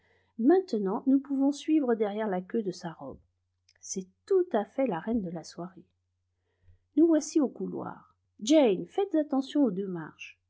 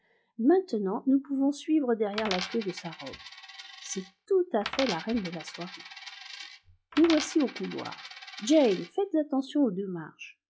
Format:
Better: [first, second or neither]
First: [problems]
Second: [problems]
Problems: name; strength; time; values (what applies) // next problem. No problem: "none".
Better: first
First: none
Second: noise reduction (classical method log-MMSE)